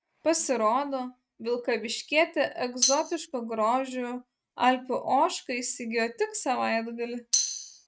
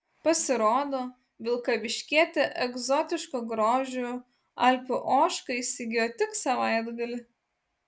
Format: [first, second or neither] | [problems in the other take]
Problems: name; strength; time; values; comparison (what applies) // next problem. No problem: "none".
second | noise reduction (neural mask model RNNoise)